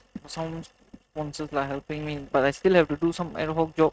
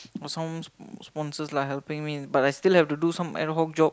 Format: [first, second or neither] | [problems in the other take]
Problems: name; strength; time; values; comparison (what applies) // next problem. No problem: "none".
second | noise reduction (neural mask model RNNoise)